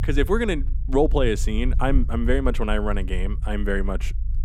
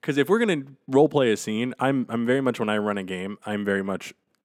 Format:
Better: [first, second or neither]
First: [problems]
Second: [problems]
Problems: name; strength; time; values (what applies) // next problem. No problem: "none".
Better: second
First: low rumble; faint; throughout; 20 dB below the speech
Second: none